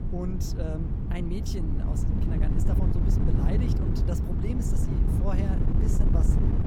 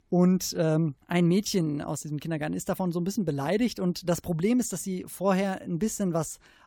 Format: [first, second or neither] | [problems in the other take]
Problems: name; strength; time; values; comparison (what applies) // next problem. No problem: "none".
second | wind noise on the microphone; heavy; 2 dB above the speech